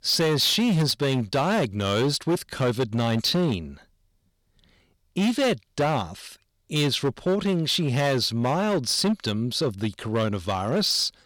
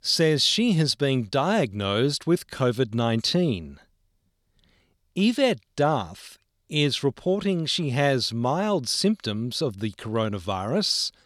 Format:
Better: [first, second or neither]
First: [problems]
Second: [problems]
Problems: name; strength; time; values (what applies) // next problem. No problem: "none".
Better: second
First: distortion; slight; 12% of the sound clipped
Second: none